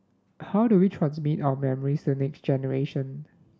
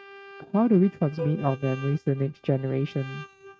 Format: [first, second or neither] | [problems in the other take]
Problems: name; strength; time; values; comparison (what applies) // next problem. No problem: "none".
first | noise reduction (neural mask model RNNoise)